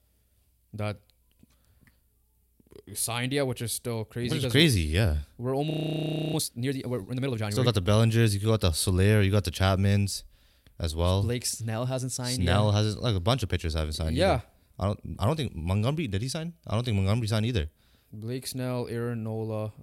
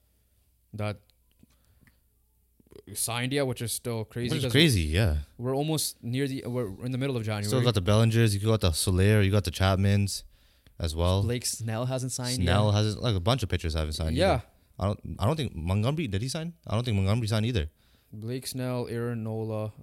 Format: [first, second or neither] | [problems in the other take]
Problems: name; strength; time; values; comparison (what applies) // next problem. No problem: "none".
second | audio freezing; at 5.5 s for 0.5 s